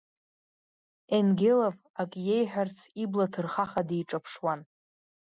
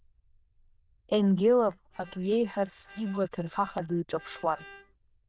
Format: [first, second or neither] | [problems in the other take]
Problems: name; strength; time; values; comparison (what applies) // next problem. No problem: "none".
first | noise reduction (neural diffusion model UNIVERSE++)